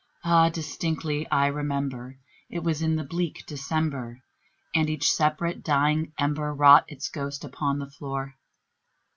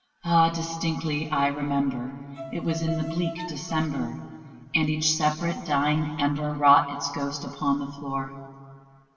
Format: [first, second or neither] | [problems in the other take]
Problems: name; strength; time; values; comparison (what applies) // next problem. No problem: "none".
first | background sound (Bowed string instrument); 12 dB below the speech // room echo; dies away in 2.1 s